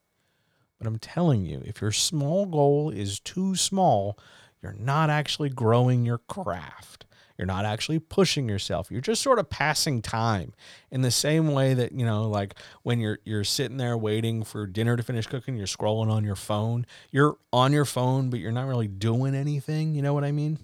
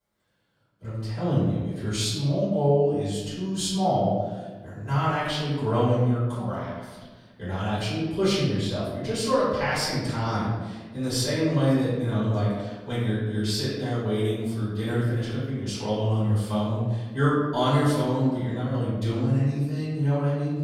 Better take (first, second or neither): first